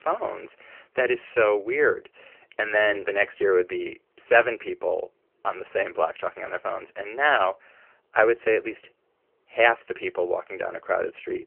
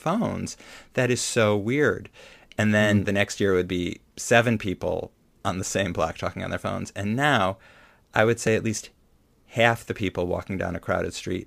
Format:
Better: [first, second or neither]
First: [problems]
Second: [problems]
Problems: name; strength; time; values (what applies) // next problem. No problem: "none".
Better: second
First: phone-call audio; poor line; nothing above 3 kHz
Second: none